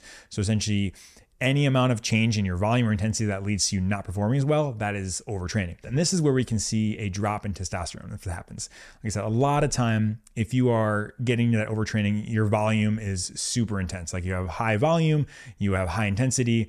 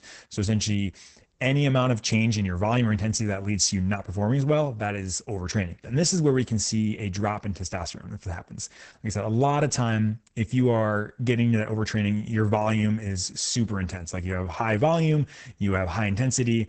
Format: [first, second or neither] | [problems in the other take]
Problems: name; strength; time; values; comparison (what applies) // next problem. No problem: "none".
first | garbled, watery; badly; nothing above 8 kHz